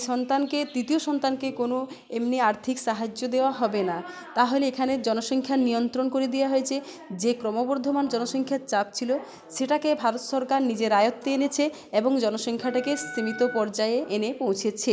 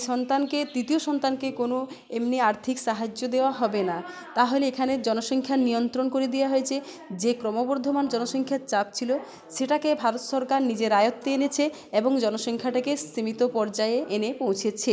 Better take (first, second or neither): second